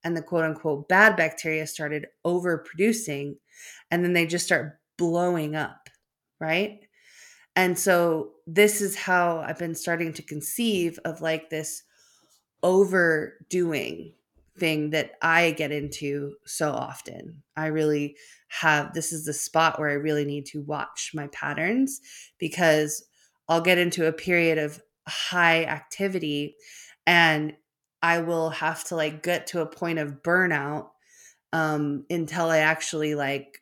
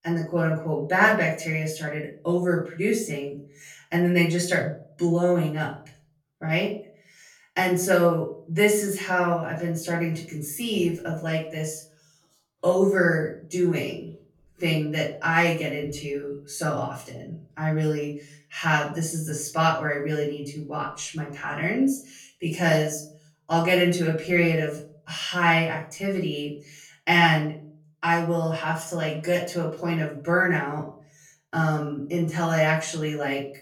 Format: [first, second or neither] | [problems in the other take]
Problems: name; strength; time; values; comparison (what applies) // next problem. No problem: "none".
first | off-mic speech; far // room echo; slight; dies away in 0.4 s